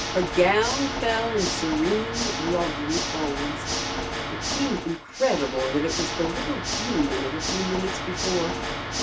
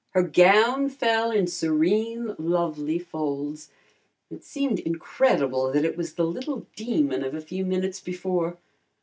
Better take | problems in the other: second | background sound (Water / Mechanisms); 2 dB below the speech

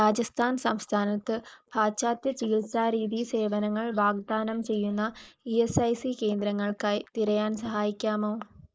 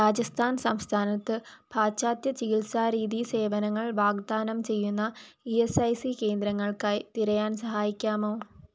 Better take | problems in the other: second | noise reduction (neural mask model Resemble Enhance denoiser)

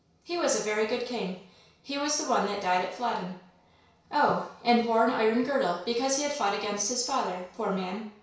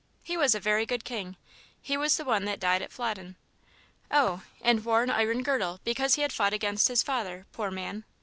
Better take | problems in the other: second | room echo; dies away in 0.6 s

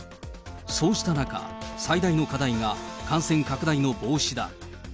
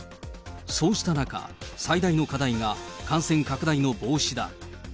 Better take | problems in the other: second | background sound (Wind instrument, woodwind instrument); 14 dB below the speech

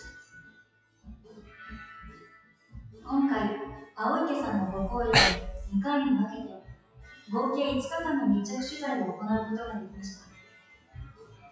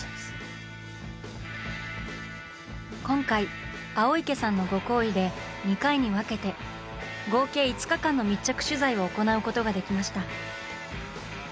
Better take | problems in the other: second | noise reduction (classical method WPE with log-MMSE)

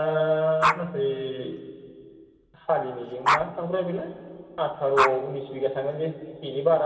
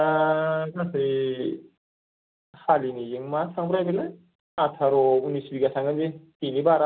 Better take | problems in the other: second | background sound (Dog); 4 dB below the speech // room echo; dies away in 2.4 s

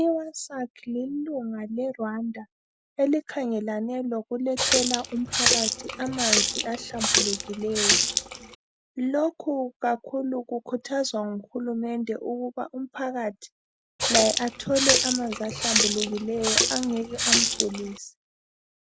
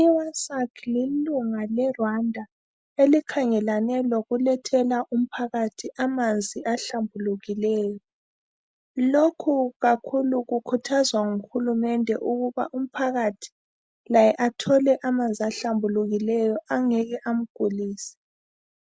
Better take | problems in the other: second | background sound (Water tap, faucet); 4 dB above the speech

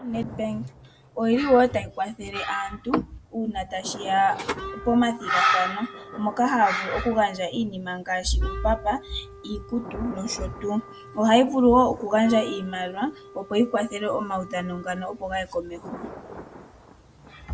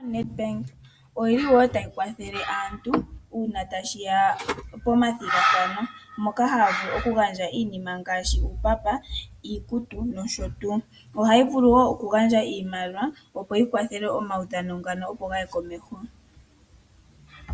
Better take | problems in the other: second | background sound (Thunder + Wind instrument, woodwind instrument); 18 dB below the speech

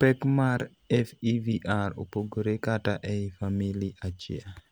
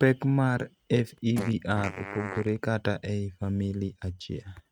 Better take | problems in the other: first | noise reduction (neural mask model RNNoise)

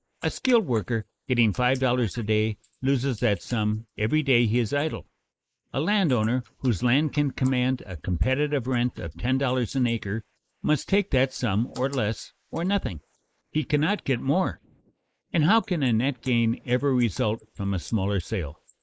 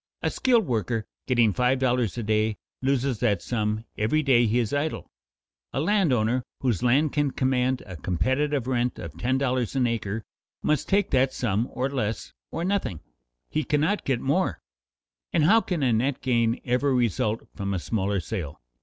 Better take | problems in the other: second | noise reduction (neural mask model Resemble Enhance denoiser)

